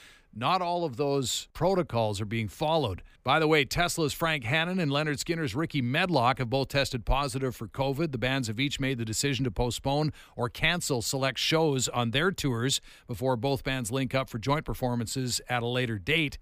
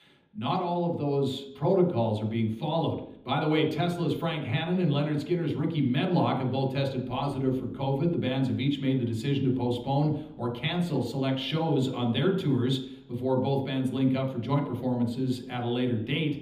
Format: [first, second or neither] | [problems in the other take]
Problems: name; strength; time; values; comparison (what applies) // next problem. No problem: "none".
first | room echo; noticeable; dies away in 0.8 s // off-mic speech; far